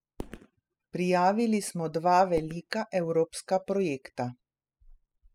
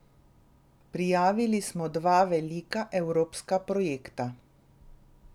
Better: second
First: noise reduction (classical method spectral subtraction)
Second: none

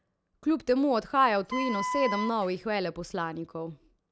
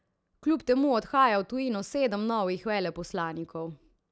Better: second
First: background sound (Wind instrument, woodwind instrument); 5 dB below the speech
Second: none

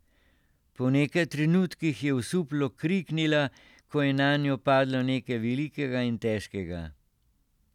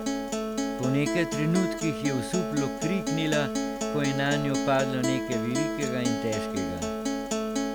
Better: first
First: none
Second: background sound (Acoustic guitar); as loud as the speech

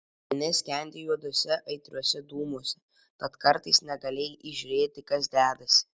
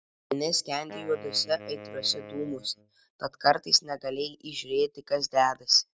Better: first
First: none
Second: noise reduction (neural mask model RNNoise)

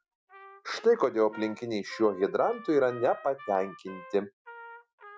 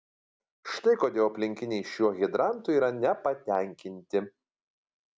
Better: second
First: noise reduction (classical method Wiener filter)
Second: none

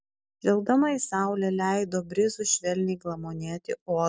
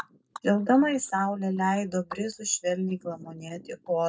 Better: first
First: none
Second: noise reduction (neural mask model DeepFilterNet 3)

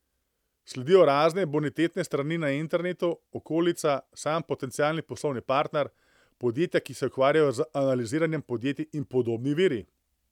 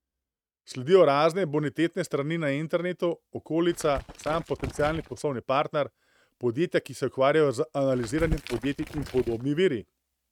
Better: first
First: none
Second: noise reduction (neural mask model RNNoise)

